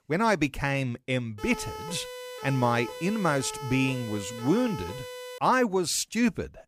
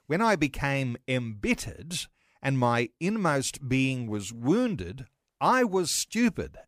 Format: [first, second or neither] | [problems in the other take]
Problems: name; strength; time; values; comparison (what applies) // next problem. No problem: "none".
second | siren; faint; from 1.5 to 5.5 s; peak 10 dB below the speech